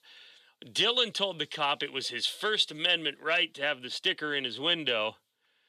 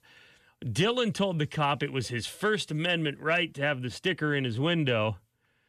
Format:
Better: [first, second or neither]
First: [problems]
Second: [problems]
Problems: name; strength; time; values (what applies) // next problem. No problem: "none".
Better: second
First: thin; somewhat; fading below 400 Hz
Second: none